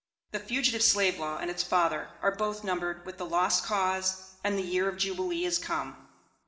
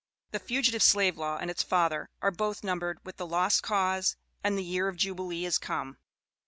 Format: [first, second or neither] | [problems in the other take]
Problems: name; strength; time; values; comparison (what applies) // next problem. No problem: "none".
second | room echo; dies away in 1.1 s